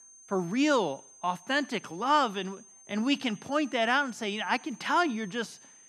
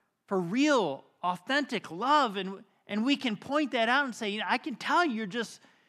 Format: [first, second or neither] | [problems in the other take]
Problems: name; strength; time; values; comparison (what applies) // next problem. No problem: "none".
second | high-pitched whine; faint; throughout; 6.5 kHz, 20 dB below the speech